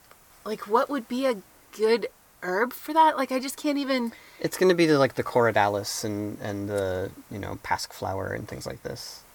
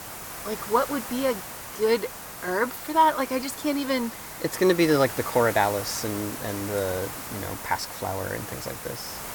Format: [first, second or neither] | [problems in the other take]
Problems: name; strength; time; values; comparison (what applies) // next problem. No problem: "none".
first | hiss; loud; throughout; 9 dB below the speech; faint in the first